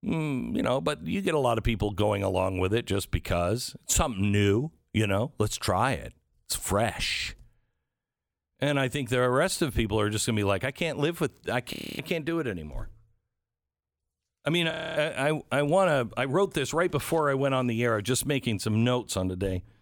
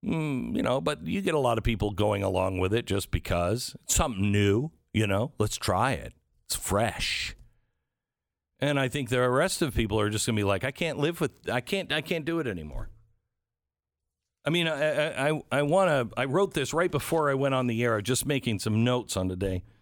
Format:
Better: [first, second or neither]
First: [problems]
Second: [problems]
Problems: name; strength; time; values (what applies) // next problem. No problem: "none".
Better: second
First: audio freezing; at 12 s and at 15 s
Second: none